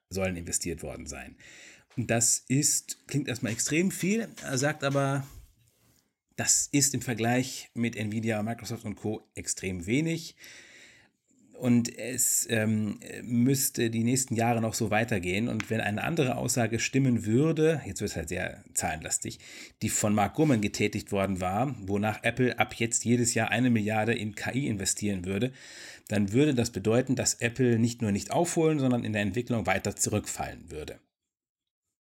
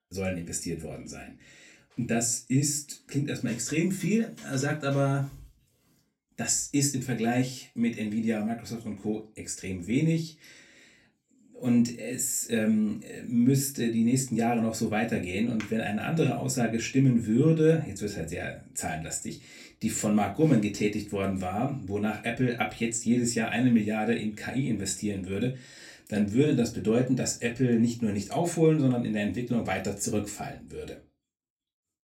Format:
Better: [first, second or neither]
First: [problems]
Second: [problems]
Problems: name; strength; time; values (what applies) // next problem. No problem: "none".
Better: first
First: none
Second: off-mic speech; far // room echo; very slight; dies away in 0.2 s